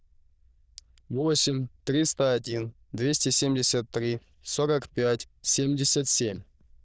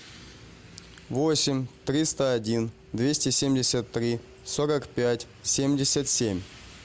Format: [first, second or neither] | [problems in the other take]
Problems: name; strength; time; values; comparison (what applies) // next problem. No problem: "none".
second | noise reduction (neural diffusion model UNIVERSE++)